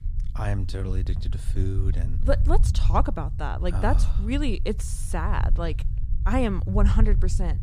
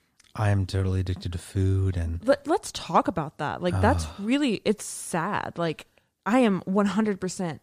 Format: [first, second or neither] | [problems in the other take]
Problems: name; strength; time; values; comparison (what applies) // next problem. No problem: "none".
second | low rumble; noticeable; throughout; 15 dB below the speech